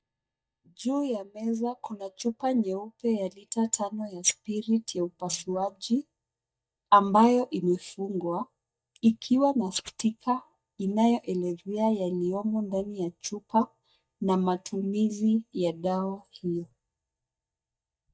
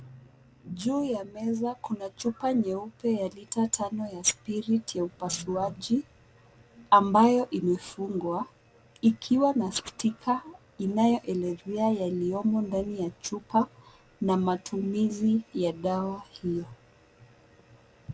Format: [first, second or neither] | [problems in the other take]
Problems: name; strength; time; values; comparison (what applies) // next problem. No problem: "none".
second | noise reduction (neural mask model DeepFilterNet 3)